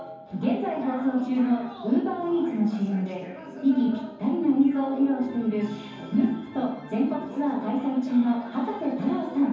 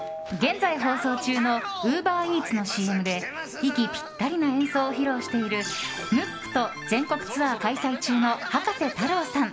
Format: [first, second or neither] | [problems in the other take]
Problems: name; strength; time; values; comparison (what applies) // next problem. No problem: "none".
second | room echo; dies away in 0.9 s